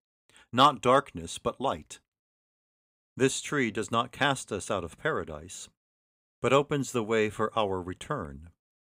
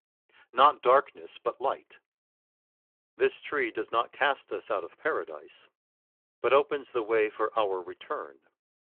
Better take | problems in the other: first | phone-call audio

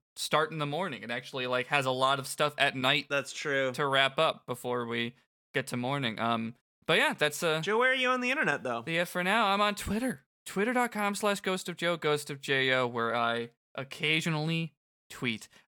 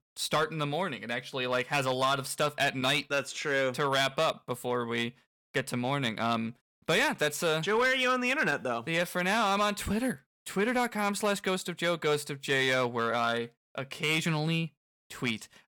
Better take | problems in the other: first | distortion; slight; 4% of the sound clipped

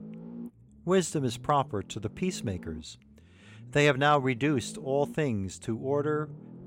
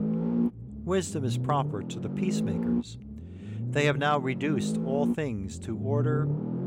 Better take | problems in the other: first | low rumble; loud; throughout; 7 dB below the speech; faint in the first

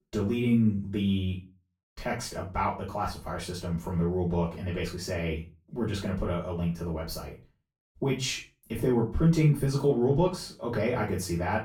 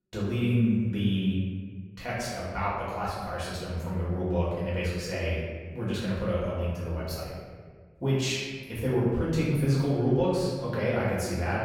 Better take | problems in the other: first | room echo; strong; dies away in 1.4 s; slight in the first // off-mic speech; far; far in the first

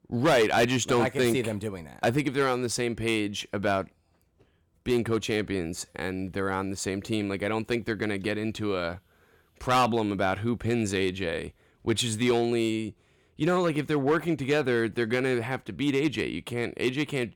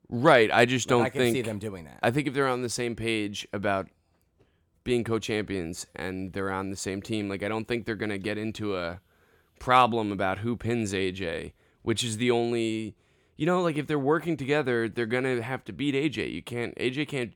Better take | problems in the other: second | distortion; slight; 3% of the sound clipped

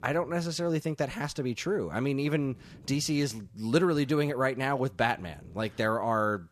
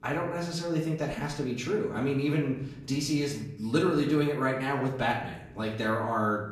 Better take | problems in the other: first | off-mic speech; far // room echo; slight; dies away in 0.6 s

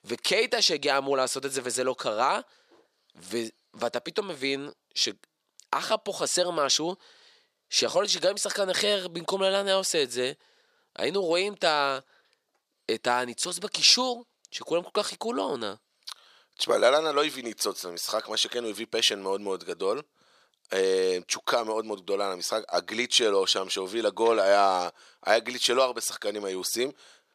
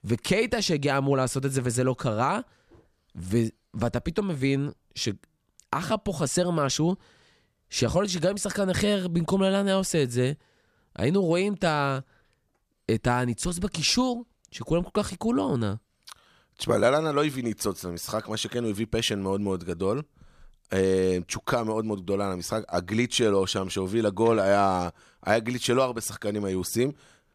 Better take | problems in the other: second | thin; somewhat; fading below 500 Hz

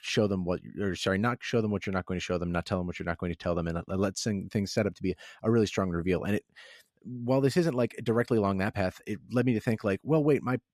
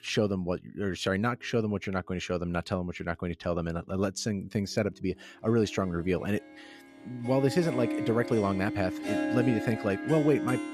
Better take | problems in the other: first | background music; loud; throughout; 5 dB below the speech

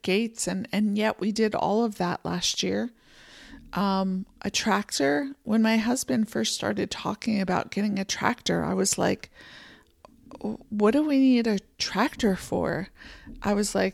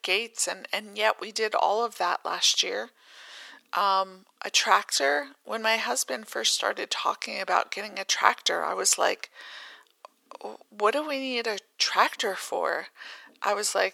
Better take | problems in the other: first | thin; very; fading below 550 Hz

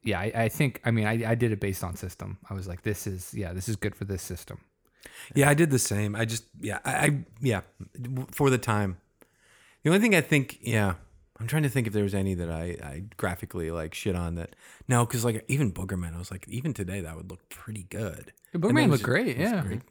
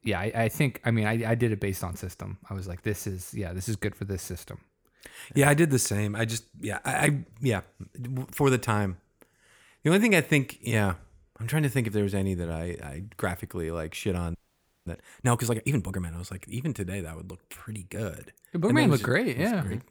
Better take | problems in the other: first | audio freezing; at 14 s for 0.5 s

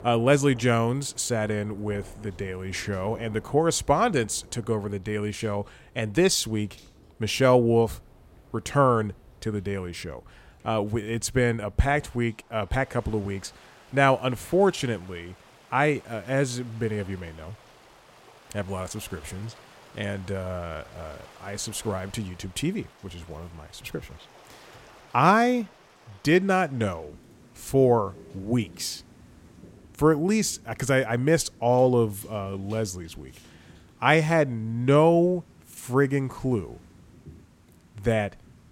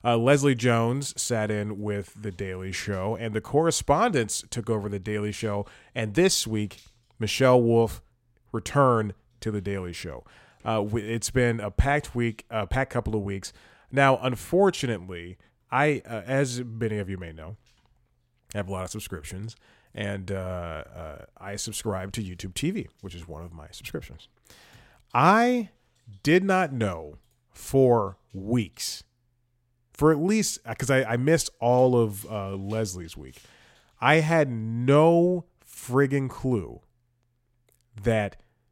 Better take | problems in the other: second | rain or running water; faint; throughout; 25 dB below the speech

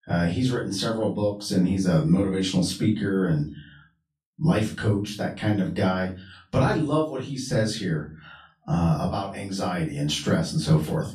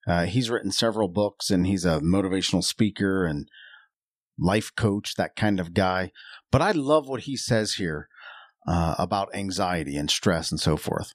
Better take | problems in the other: second | room echo; slight; dies away in 0.4 s // off-mic speech; far

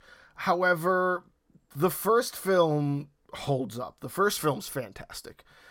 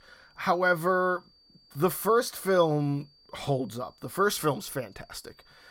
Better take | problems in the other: first | high-pitched whine; faint; throughout; 4.5 kHz, 30 dB below the speech

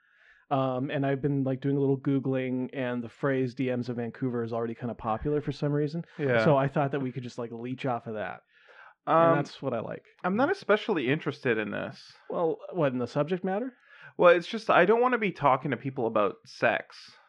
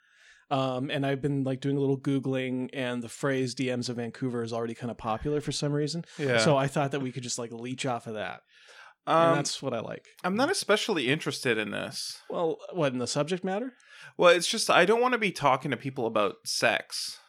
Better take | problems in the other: second | muffled; very; fading above 2 kHz

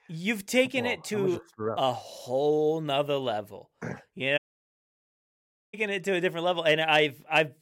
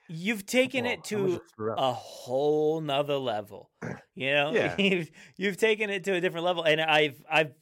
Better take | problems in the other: second | audio cutting out; at 4.5 s for 1.5 s

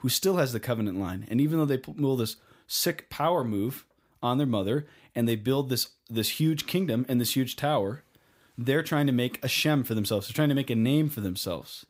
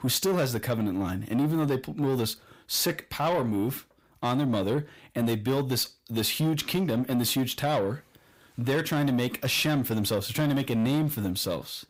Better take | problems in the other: first | distortion; slight; 10 dB below the speech

